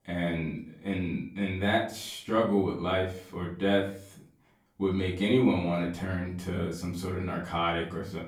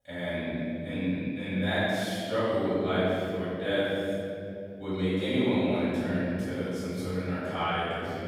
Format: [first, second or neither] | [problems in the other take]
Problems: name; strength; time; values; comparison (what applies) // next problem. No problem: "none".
first | room echo; strong; dies away in 2.7 s; slight in the first // off-mic speech; far; far in the first